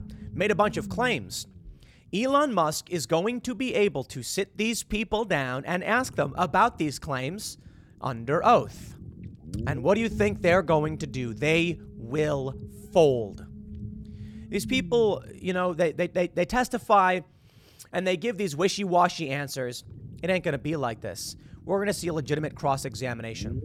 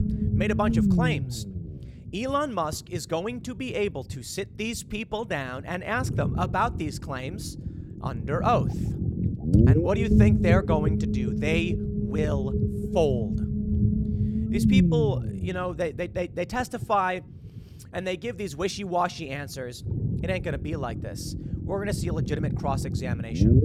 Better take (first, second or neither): first